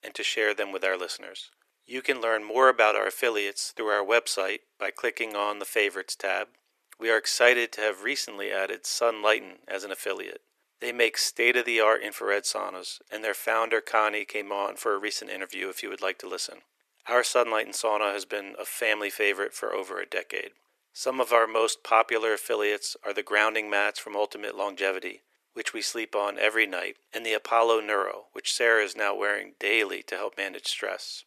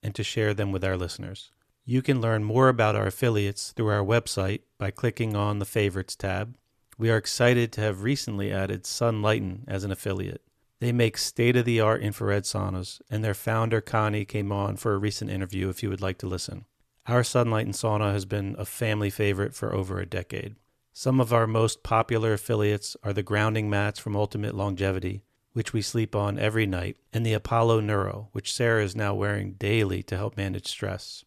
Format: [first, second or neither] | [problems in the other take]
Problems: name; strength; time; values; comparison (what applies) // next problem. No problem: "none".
second | thin; very; fading below 400 Hz